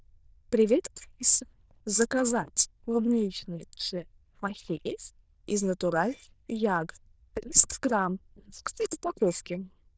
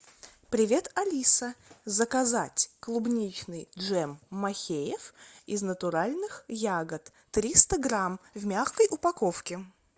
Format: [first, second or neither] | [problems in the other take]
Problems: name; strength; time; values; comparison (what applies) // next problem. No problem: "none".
second | noise reduction (neural diffusion model UNIVERSE++)